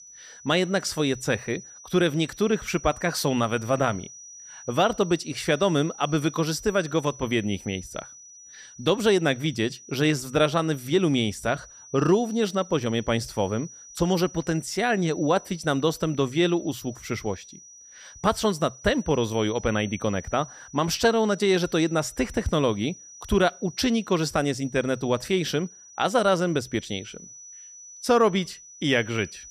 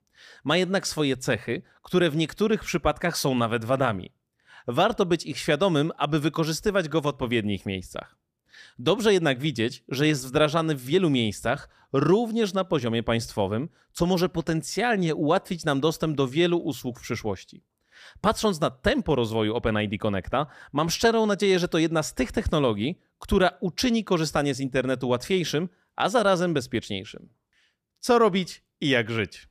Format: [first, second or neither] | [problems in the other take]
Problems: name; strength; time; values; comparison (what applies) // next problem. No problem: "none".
second | high-pitched whine; noticeable; throughout; 6 kHz, 20 dB below the speech